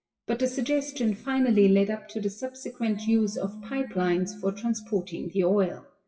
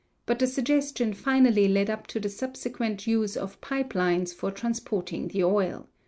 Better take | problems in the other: second | noise reduction (classical method WPE with log-MMSE)

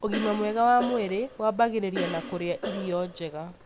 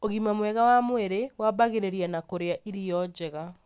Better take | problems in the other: second | background sound (Cough); 11 dB below the speech

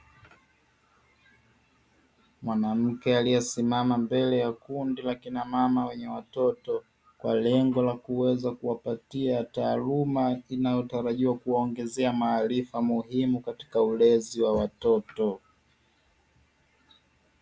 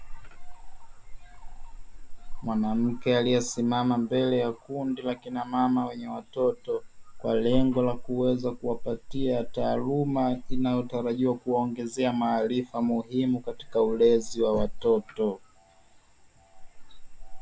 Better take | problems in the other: first | background sound (Cricket / Frog); 8 dB below the speech

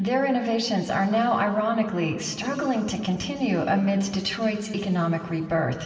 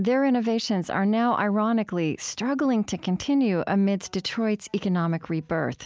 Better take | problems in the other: second | room echo; dies away in 2.1 s

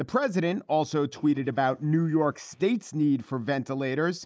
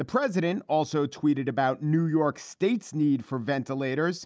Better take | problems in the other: second | noise reduction (neural mask model Resemble Enhance denoiser)

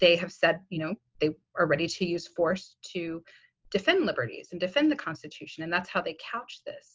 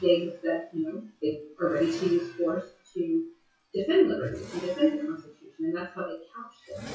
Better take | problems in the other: first | noise reduction (classical method WPE with log-MMSE)

